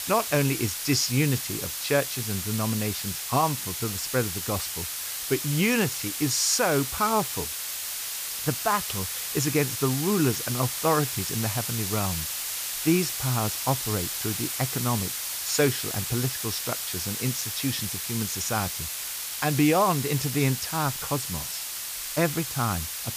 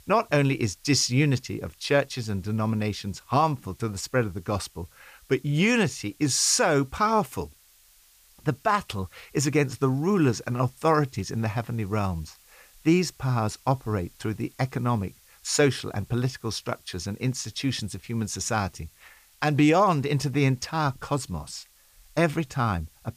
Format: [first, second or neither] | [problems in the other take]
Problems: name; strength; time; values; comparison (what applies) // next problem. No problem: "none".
second | hiss; loud; throughout; 2 dB below the speech; faint in the second